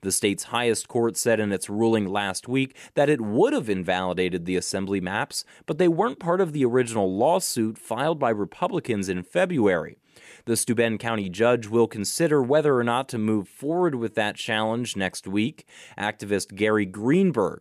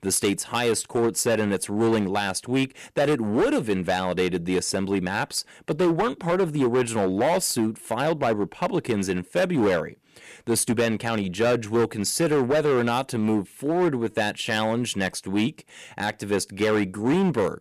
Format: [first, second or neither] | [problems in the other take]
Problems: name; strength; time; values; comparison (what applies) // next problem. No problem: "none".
first | distortion; slight; 10% of the sound clipped